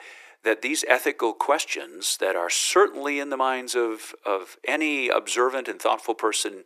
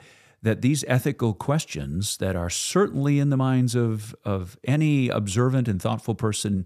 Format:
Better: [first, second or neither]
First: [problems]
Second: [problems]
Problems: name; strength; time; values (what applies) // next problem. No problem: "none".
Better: second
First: thin; very; fading below 350 Hz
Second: none